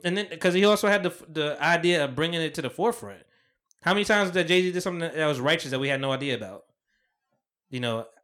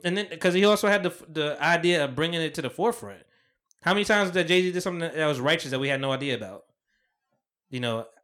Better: neither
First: none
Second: none

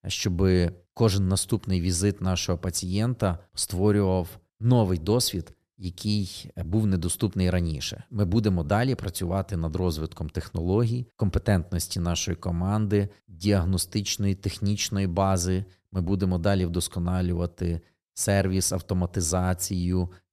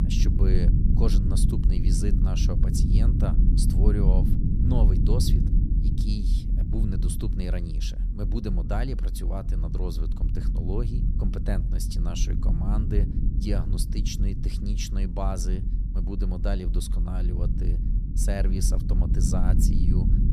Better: first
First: none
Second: low rumble; loud; throughout; 3 dB below the speech

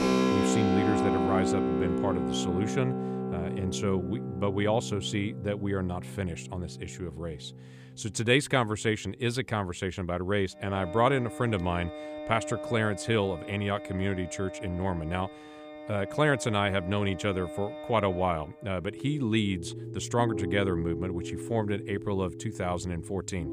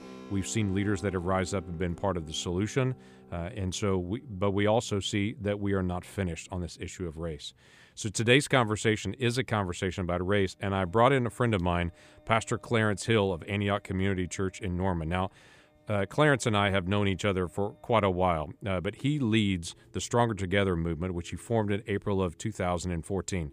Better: second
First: background music; loud; throughout; 4 dB below the speech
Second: background music; faint; throughout; 25 dB below the speech

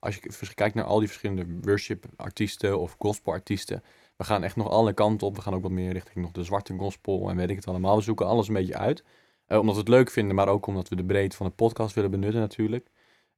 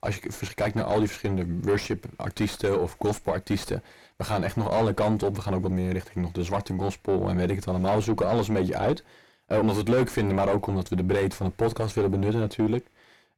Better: first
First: none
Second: distortion; heavy; 4 dB below the speech

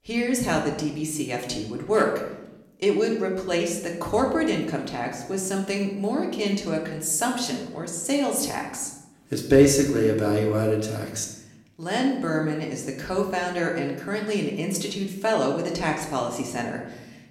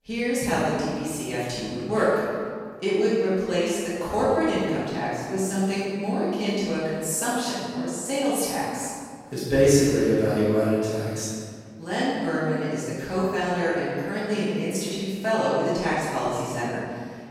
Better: first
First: room echo; slight; dies away in 0.8 s // off-mic speech; somewhat distant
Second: room echo; strong; dies away in 1.8 s // off-mic speech; far

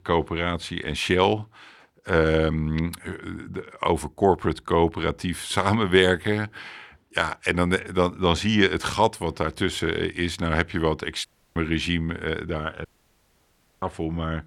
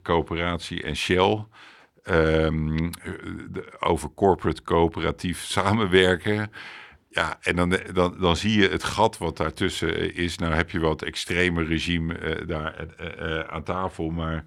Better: second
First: audio cutting out; at 11 s and at 13 s for 1 s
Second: none

